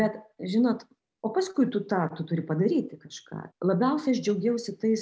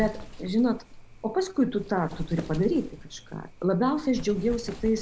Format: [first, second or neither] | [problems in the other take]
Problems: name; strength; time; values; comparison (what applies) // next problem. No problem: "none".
first | background sound (Wind); 13 dB below the speech